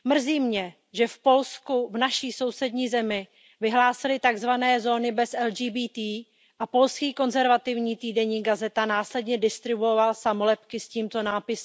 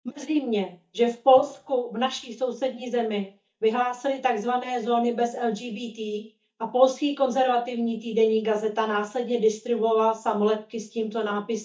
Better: first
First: none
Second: noise reduction (neural mask model DeepFilterNet 3)

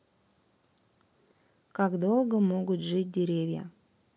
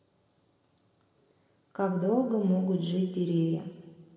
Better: first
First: none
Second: room echo; dies away in 2.2 s

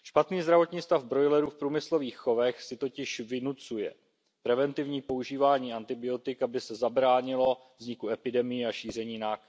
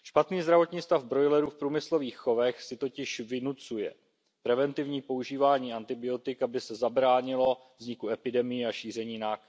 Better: second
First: background sound (Percussion); 20 dB below the speech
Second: none

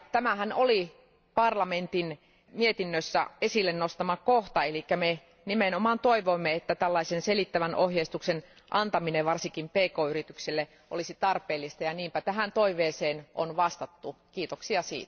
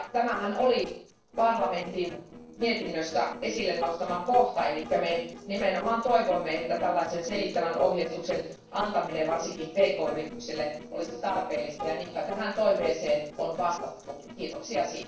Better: first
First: none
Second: noise reduction (neural separator model SepFormer DNS4)

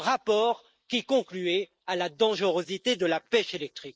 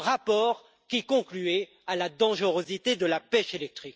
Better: second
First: noise reduction (neural mask model Resemble Enhance denoiser)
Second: none

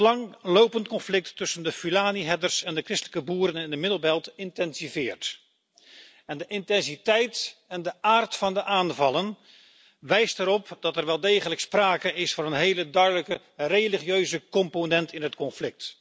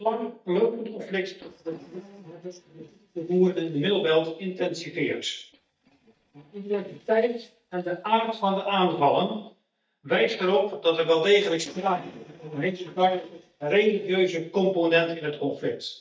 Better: first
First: none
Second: noise reduction (neural mask model DeepFilterNet 3)

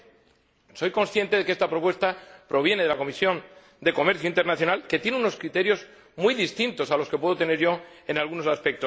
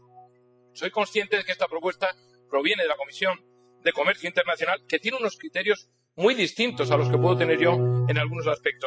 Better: first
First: none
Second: noise reduction (classical method spectral subtraction)

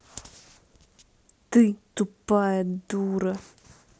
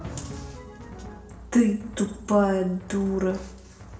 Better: first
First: none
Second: background sound (Drum); 14 dB below the speech // room echo; dies away in 0.7 s

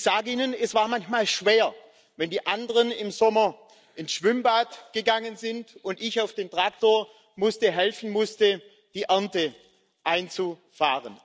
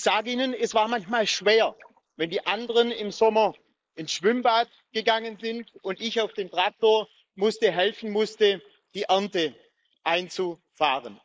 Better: first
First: none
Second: noise reduction (neural mask model Resemble Enhance denoiser)

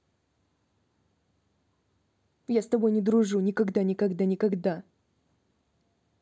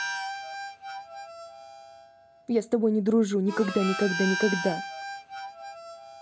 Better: first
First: none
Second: background sound (Harmonica); 7 dB below the speech

